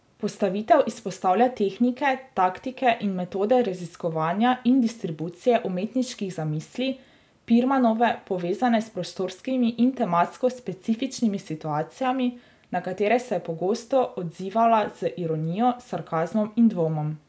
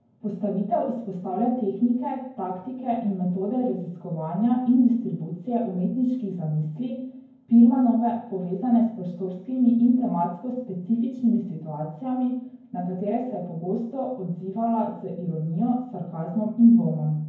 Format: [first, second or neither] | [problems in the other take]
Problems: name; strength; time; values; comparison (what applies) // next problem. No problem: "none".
first | room echo; dies away in 0.9 s